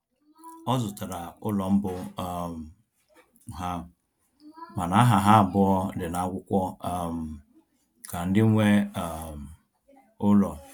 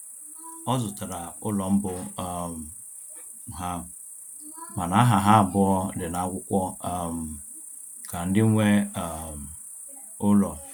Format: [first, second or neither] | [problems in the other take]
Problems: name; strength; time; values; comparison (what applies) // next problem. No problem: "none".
first | background sound (Cricket); 15 dB below the speech